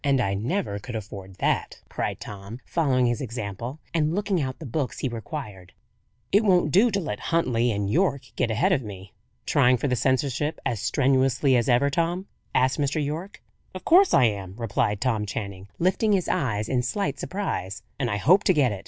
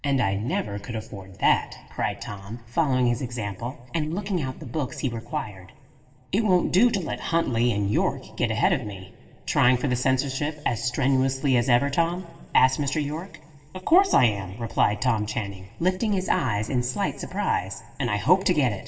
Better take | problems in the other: first | room echo; dies away in 2.4 s

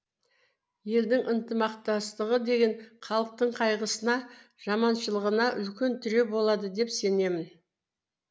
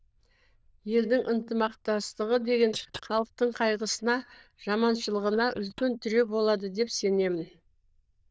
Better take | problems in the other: first | noise reduction (neural diffusion model UNIVERSE++)

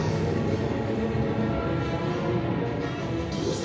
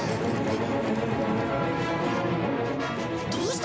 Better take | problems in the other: second | room echo; dies away in 1.1 s

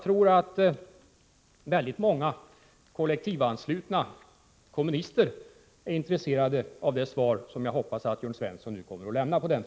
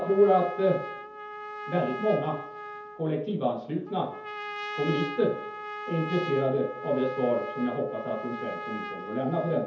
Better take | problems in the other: first | background sound (Trumpet); 9 dB below the speech // room echo; dies away in 0.5 s

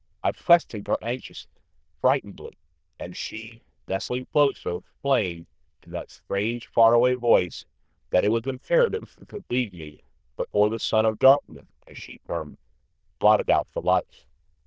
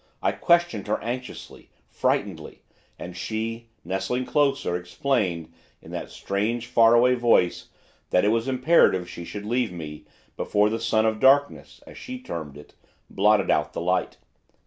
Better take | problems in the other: second | noise reduction (neural diffusion model UNIVERSE++)

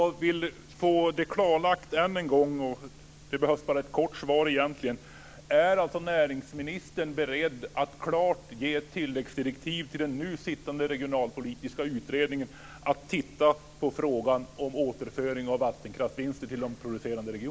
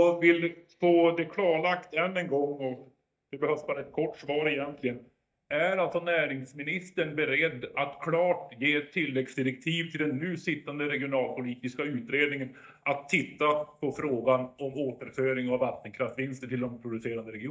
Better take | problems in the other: first | noise reduction (neural mask model DeepFilterNet 3)

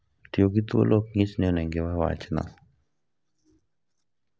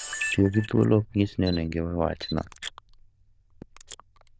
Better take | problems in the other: first | noise reduction (neural diffusion model UNIVERSE++)

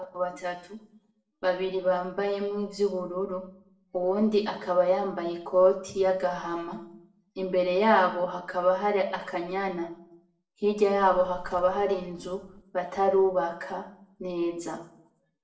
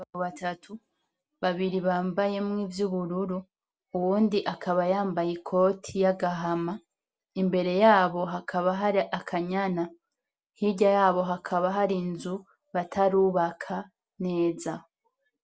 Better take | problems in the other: second | noise reduction (neural separator model SepFormer DNS4)

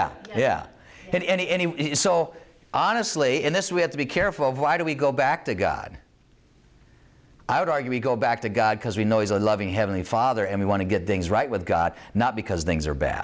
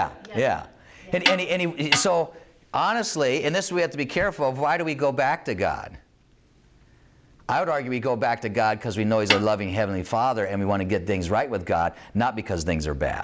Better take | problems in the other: first | background sound (Snare drum); 2 dB below the speech

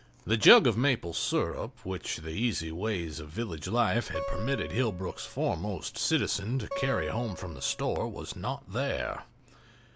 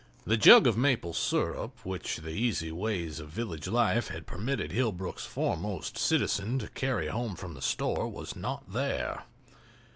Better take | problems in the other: second | background sound (Acoustic guitar); 11 dB below the speech

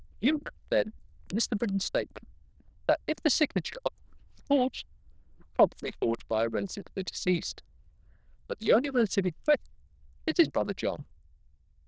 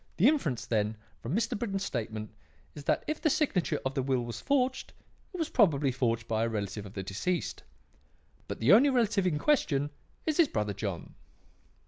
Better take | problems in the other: second | noise reduction (neural diffusion model UNIVERSE++)

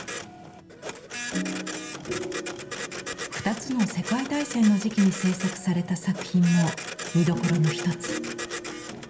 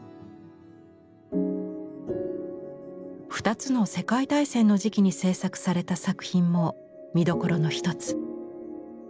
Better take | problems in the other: second | background sound (Printer); 10 dB below the speech // room echo; dies away in 1.2 s

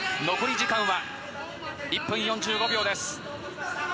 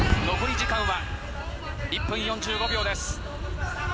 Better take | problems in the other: first | background sound (Fireworks + Wind); 1 dB below the speech

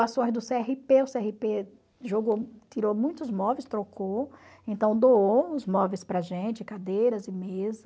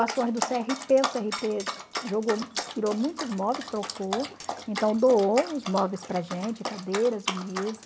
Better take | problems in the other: first | background sound (Dog); 8 dB below the speech

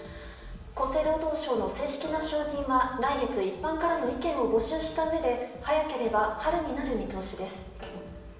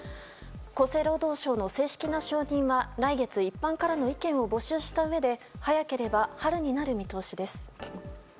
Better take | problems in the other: second | room echo; dies away in 0.9 s

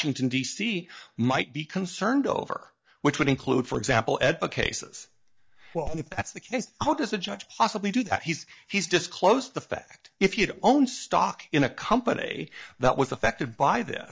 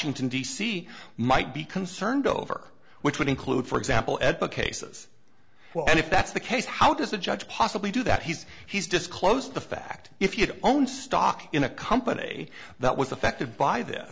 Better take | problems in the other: second | noise reduction (neural mask model DeepFilterNet 3)

